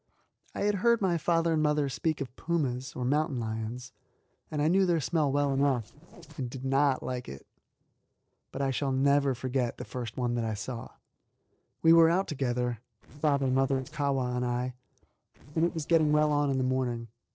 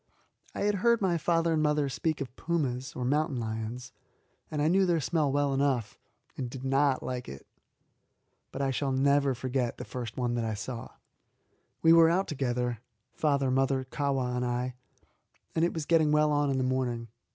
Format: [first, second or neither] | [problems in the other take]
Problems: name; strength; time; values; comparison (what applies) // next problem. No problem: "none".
second | noise reduction (neural separator model SepFormer DNS4)